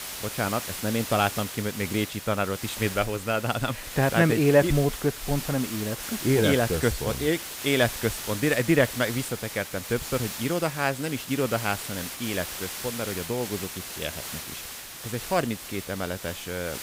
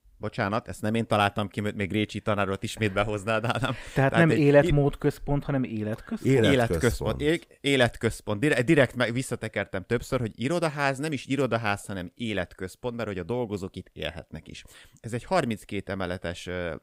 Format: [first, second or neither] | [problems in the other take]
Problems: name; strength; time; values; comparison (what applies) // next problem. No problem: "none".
second | hiss; loud; throughout; 8 dB below the speech